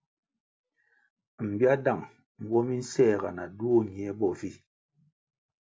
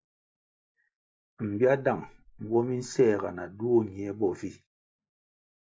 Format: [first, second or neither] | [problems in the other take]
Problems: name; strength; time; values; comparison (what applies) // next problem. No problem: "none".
first | noise reduction (neural mask model Resemble Enhance denoiser)